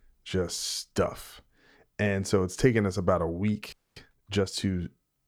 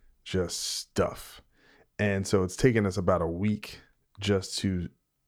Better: second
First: audio freezing; at 3.5 s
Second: none

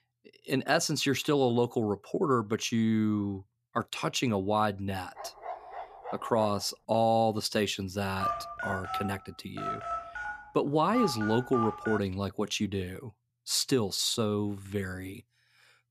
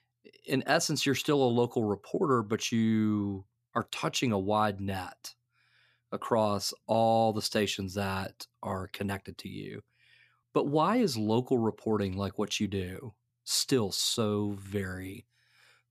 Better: second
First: dog barking; faint; from 5 to 6.5 s; peak 10 dB below the speech // phone ringing; noticeable; from 8 to 12 s; peak 3 dB below the speech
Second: none

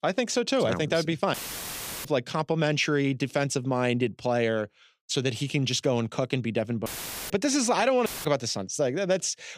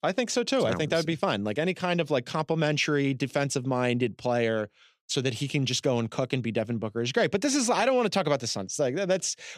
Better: second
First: audio cutting out; filled with static; at 1.5 s for 0.5 s, at 7 s and at 8 s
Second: none

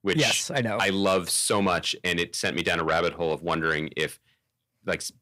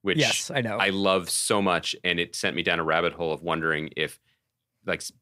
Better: second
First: distortion; slight; 10 dB below the speech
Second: none

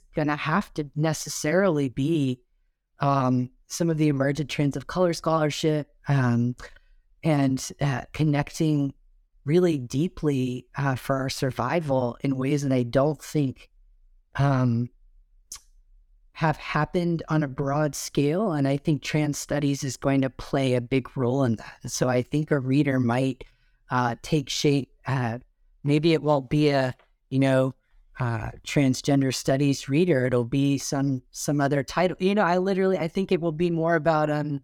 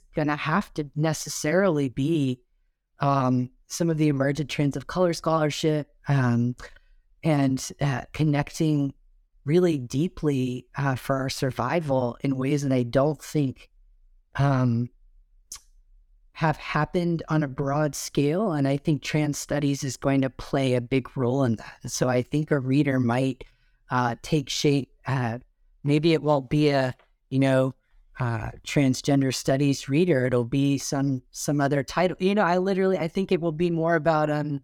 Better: neither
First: none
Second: none

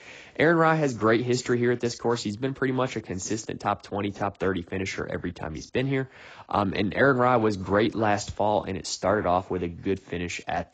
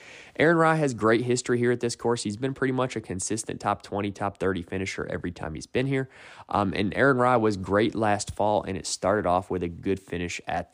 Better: second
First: garbled, watery; badly; nothing above 7.5 kHz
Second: none

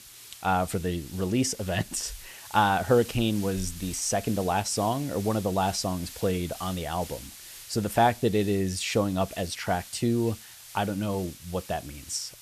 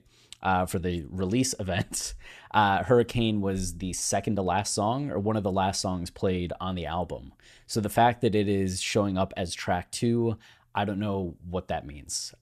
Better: second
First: hiss; noticeable; throughout; 15 dB below the speech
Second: none

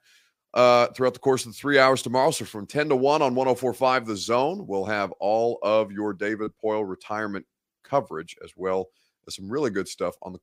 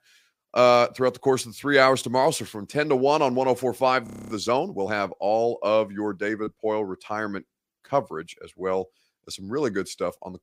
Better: first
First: none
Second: audio freezing; at 4 s

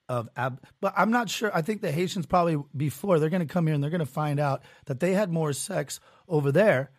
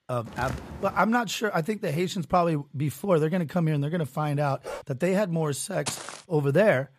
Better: first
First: none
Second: footsteps; faint; at 0.5 s; peak 10 dB below the speech // dog barking; faint; at 4.5 s; peak 10 dB below the speech // footsteps; noticeable; at 6 s; peak 7 dB below the speech

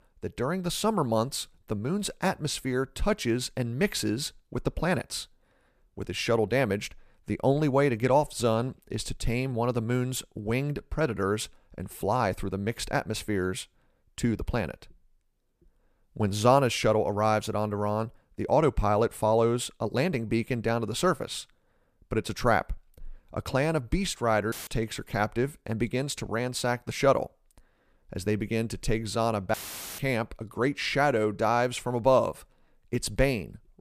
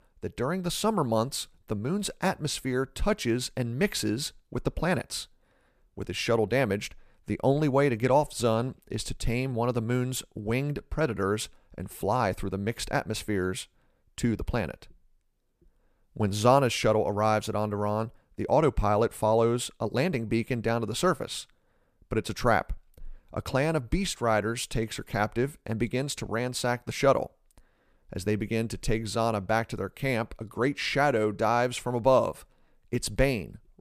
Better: second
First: audio cutting out; filled with static; at 25 s and at 30 s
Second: none

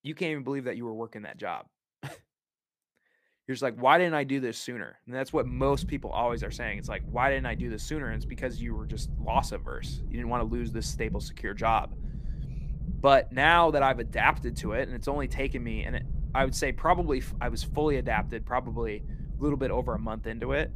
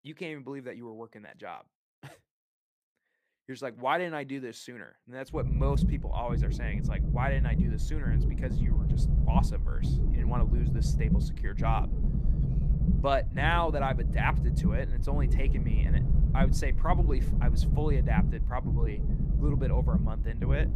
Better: first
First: low rumble; faint; from 5.5 s on; 25 dB below the speech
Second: low rumble; loud; from 5.5 s on; 7 dB below the speech

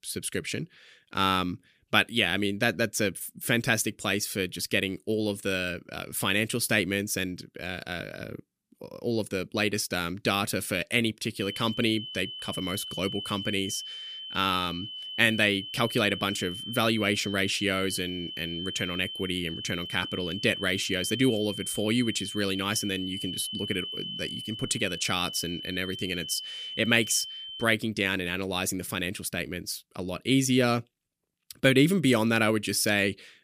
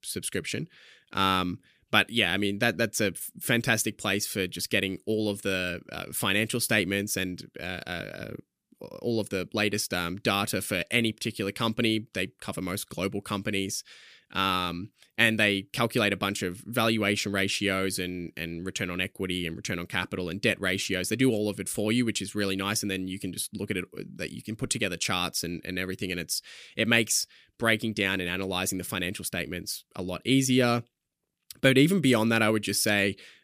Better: second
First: high-pitched whine; loud; from 11 to 28 s; 3 kHz, 8 dB below the speech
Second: none

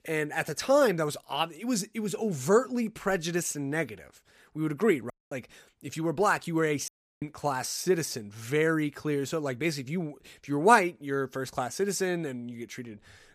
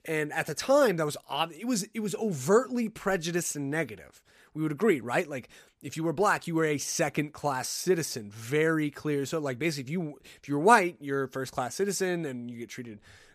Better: second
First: audio cutting out; at 5 s and at 7 s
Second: none

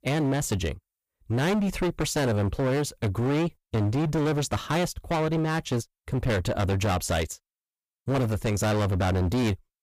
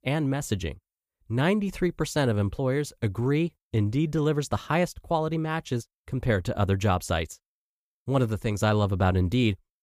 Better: second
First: distortion; heavy; 26% of the sound clipped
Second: none

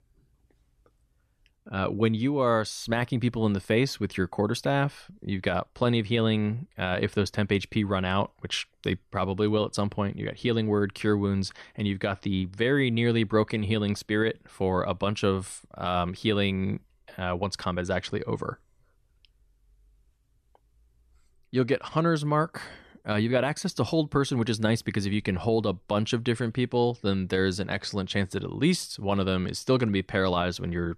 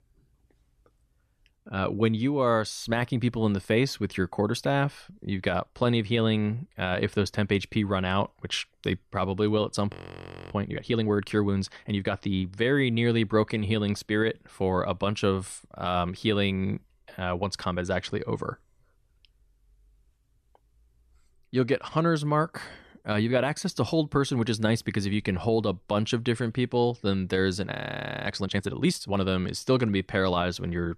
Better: first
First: none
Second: audio freezing; at 10 s for 0.5 s and at 28 s for 0.5 s

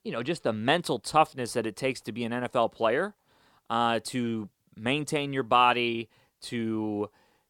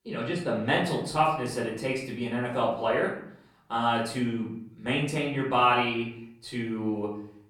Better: first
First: none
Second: off-mic speech; far // room echo; noticeable; dies away in 0.6 s

